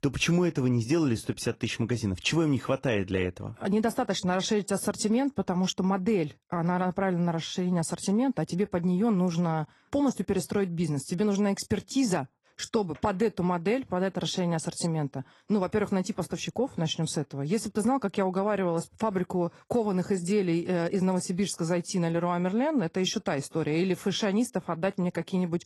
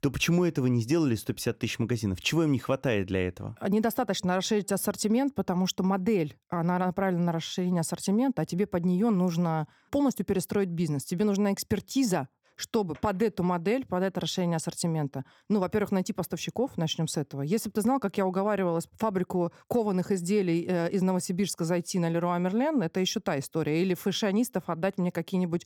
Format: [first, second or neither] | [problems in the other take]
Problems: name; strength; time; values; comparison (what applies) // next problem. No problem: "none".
second | garbled, watery; slightly; nothing above 11.5 kHz